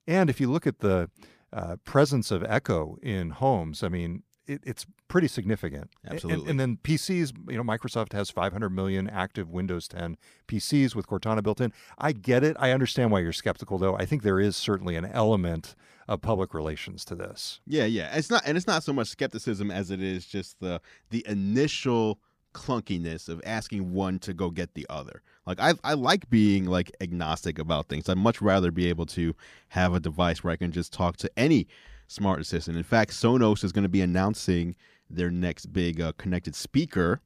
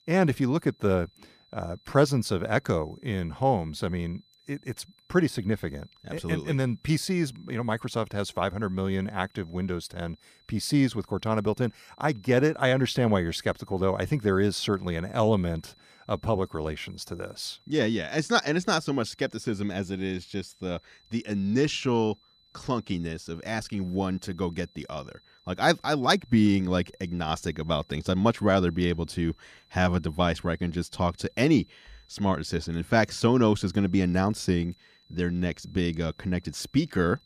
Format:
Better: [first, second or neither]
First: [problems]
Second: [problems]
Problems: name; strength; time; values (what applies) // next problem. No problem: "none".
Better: first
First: none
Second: high-pitched whine; faint; throughout; 4 kHz, 30 dB below the speech